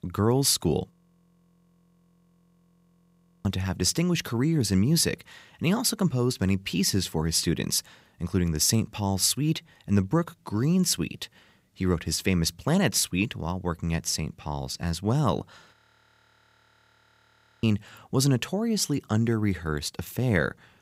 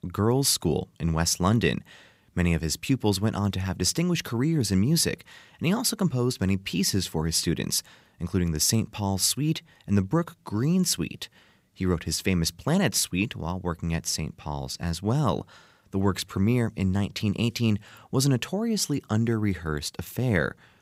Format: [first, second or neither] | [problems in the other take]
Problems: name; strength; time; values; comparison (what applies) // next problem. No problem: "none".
second | audio freezing; at 1 s for 2.5 s and at 16 s for 2 s